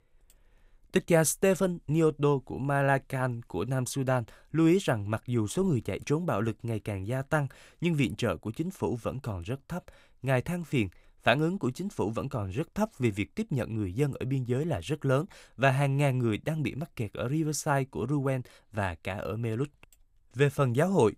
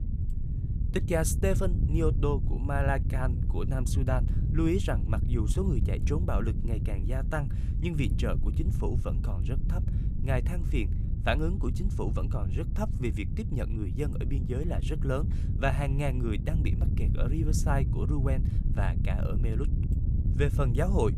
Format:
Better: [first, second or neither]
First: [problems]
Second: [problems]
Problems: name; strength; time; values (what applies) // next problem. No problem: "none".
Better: first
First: none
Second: wind noise on the microphone; heavy; 9 dB below the speech